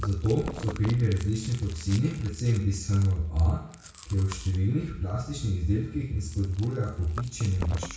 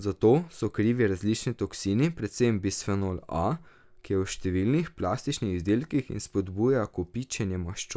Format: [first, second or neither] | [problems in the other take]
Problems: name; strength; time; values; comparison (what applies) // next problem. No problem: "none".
second | background sound (Chewing, mastication); 16 dB below the speech // room echo; dies away in 0.6 s